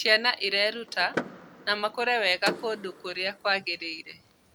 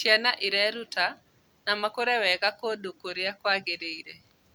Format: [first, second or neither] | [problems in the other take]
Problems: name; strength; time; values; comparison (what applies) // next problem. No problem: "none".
second | background sound (Door / Car); 12 dB below the speech